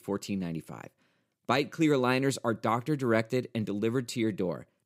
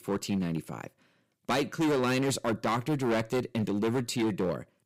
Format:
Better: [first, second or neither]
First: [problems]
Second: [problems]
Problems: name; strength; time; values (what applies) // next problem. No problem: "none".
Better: first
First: none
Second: distortion; heavy; 13% of the sound clipped